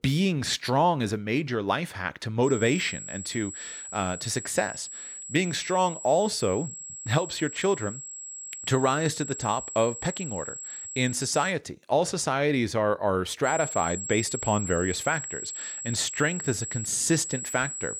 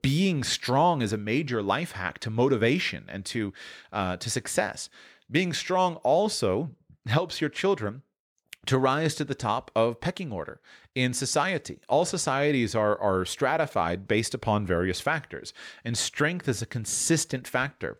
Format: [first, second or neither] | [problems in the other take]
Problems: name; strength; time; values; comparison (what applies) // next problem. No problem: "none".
second | high-pitched whine; loud; from 2.5 to 12 s and from 13 s on; 7.5 kHz, 8 dB below the speech